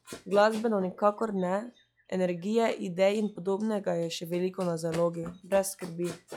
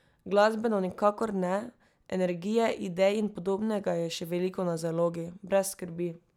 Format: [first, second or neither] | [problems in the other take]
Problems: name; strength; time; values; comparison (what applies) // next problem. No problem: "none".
second | noise reduction (classical method log-MMSE)